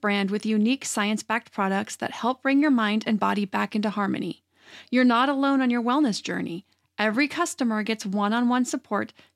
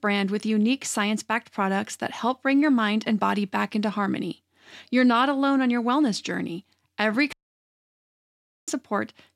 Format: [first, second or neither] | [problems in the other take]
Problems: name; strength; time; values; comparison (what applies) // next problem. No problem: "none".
first | audio cutting out; at 7.5 s for 1.5 s